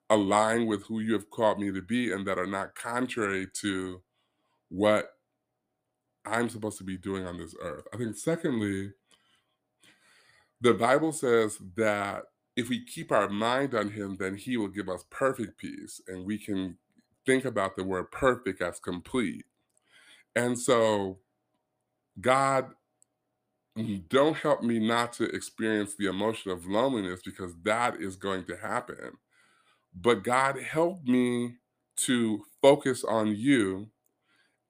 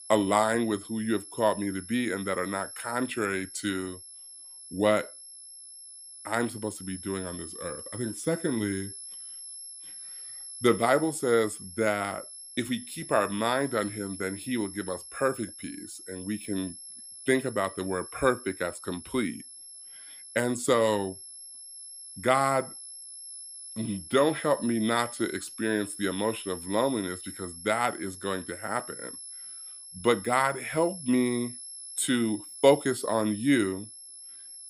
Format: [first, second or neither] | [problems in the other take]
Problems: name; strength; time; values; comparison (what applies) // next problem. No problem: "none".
first | high-pitched whine; noticeable; throughout; 11 kHz, 10 dB below the speech